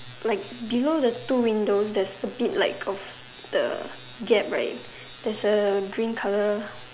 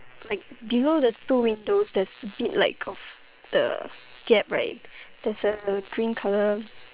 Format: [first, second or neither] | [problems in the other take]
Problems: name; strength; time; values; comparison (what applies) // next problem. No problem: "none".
first | noise reduction (neural separator model SepFormer WHAM!)